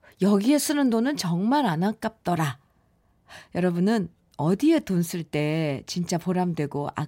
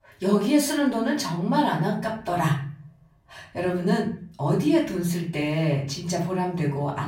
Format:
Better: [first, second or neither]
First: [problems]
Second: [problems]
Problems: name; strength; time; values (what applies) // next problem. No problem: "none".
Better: first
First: none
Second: off-mic speech; far // room echo; slight; dies away in 0.4 s